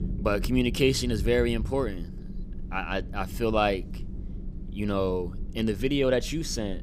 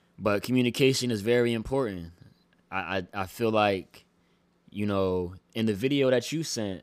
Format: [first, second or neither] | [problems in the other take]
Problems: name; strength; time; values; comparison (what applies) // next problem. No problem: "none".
second | low rumble; faint; throughout; 20 dB below the speech